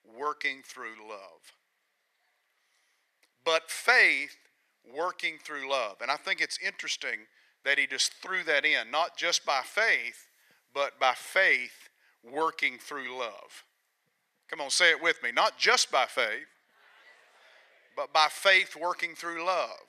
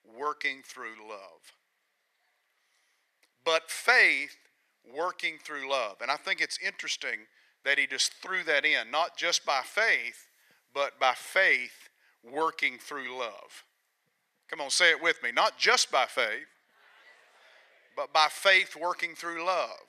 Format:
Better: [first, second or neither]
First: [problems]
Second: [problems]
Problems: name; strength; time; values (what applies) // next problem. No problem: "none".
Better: neither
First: thin; very; fading below 650 Hz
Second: thin; very; fading below 650 Hz